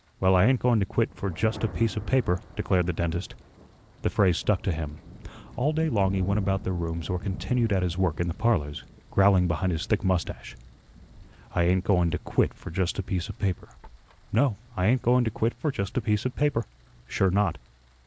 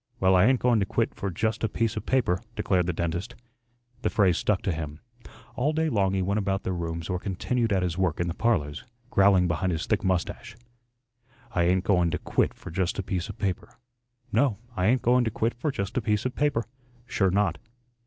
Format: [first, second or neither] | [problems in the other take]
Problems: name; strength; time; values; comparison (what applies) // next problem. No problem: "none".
second | background sound (Thunder); 18 dB below the speech